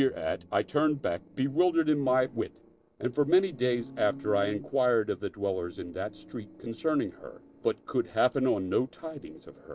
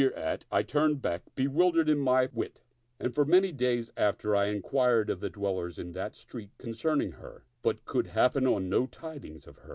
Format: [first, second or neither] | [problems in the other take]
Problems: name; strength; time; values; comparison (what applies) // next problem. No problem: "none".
second | noise reduction (neural separator model SepFormer DNS4)